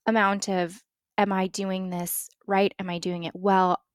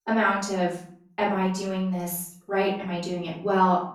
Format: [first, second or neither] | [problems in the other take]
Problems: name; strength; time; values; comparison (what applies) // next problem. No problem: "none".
first | room echo; noticeable; dies away in 0.5 s // off-mic speech; far